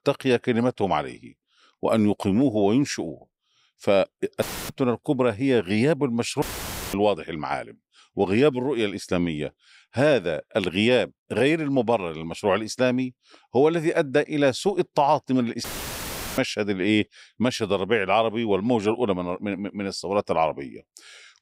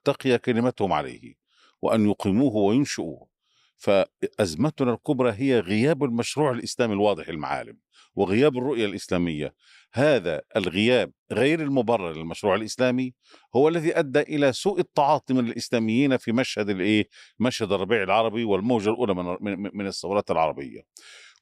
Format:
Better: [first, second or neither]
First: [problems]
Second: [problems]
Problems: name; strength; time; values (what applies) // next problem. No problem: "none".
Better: second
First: audio cutting out; filled with static; at 4.5 s, at 6.5 s for 0.5 s and at 16 s for 0.5 s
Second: none